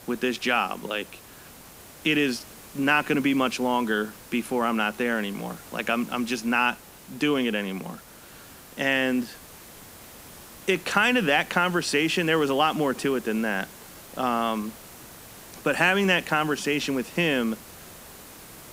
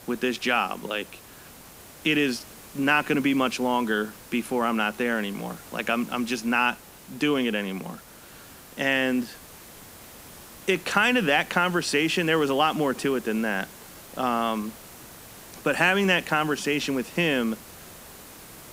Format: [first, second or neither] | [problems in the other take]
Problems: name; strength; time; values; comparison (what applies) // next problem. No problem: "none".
neither | hiss; noticeable; throughout; 20 dB below the speech; the same in both